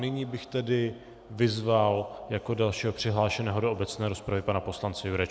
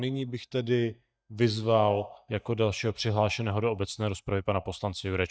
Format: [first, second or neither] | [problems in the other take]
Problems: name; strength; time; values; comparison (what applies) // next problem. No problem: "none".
first | noise reduction (neural mask model DeepFilterNet 3)